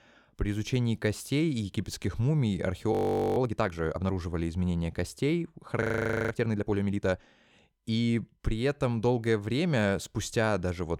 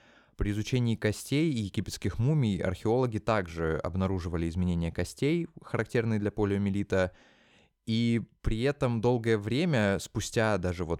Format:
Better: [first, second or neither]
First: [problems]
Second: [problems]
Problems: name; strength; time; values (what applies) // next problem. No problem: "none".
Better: second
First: audio freezing; at 3 s and at 6 s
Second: none